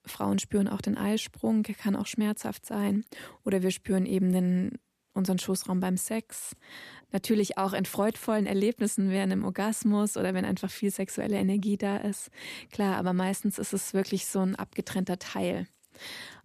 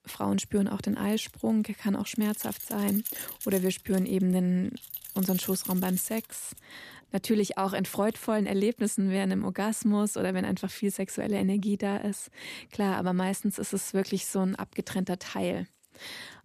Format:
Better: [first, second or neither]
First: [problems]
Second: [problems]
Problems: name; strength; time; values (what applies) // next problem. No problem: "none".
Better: first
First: none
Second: jangling keys; noticeable; from 1 to 6.5 s; peak 4 dB below the speech